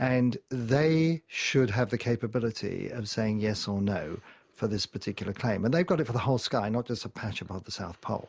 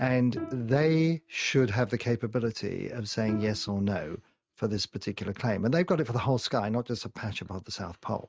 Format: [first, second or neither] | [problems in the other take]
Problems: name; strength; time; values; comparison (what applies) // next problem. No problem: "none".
first | noise reduction (neural mask model RNNoise)